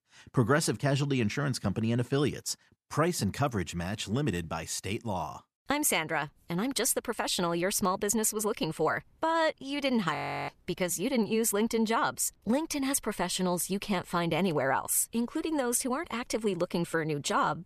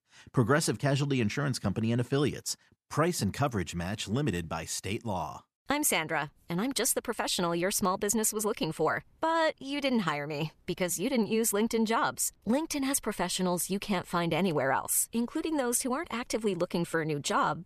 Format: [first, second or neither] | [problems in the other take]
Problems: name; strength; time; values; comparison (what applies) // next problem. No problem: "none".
second | audio freezing; at 10 s